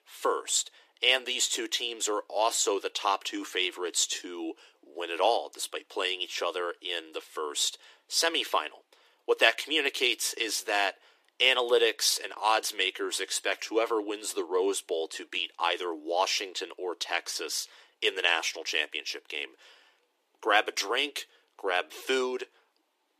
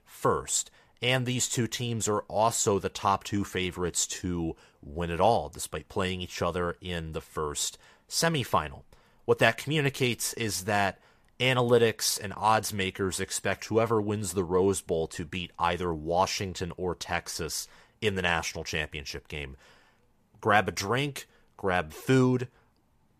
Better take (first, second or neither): second